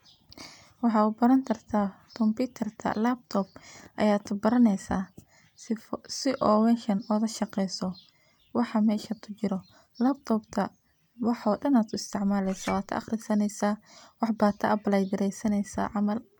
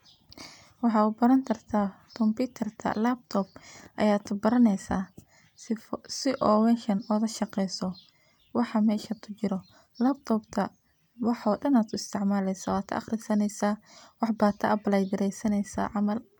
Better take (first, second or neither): second